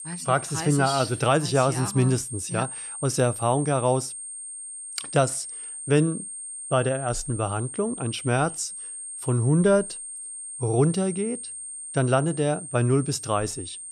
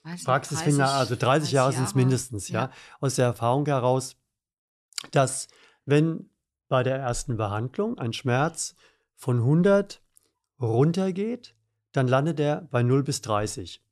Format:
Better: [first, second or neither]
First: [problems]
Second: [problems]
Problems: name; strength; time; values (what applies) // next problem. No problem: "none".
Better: second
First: high-pitched whine; loud; throughout; 8.5 kHz, 9 dB below the speech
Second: none